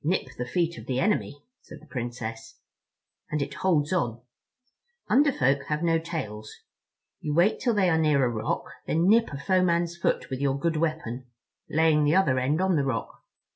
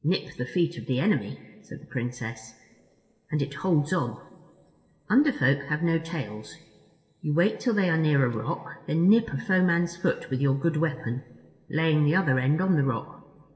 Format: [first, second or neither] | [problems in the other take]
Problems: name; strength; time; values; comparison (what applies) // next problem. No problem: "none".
first | noise reduction (neural separator model SepFormer DNS4)